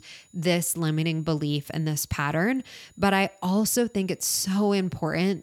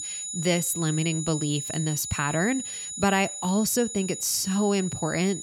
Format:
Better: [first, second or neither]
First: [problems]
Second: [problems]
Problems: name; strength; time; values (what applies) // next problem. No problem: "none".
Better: first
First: high-pitched whine; faint; throughout; 7 kHz, 35 dB below the speech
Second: high-pitched whine; loud; throughout; 7 kHz, 6 dB below the speech